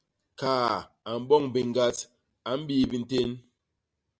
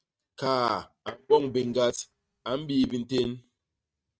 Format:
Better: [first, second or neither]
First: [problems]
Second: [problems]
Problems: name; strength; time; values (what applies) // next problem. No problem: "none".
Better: first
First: none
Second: noise reduction (neural mask model RNNoise)